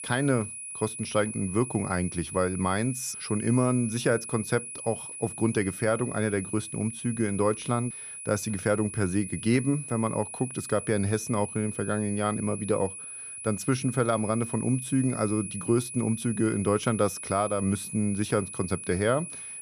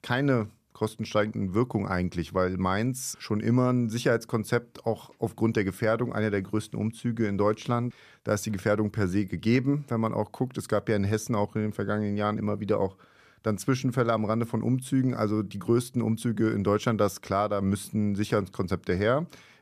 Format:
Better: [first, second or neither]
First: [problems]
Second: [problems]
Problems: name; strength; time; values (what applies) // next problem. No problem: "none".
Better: second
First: high-pitched whine; loud; throughout; 10 kHz, 8 dB below the speech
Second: none